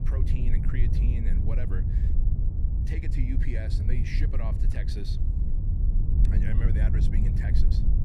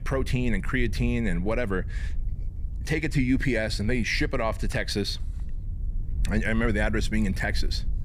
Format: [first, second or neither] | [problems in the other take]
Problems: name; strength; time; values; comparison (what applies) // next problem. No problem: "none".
second | low rumble; loud; throughout; 1 dB below the speech; faint in the second